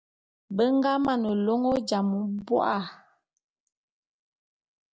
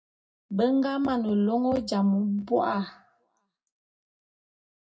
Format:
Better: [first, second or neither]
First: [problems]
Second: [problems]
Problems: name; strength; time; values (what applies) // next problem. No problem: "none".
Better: first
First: none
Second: room echo; dies away in 0.2 s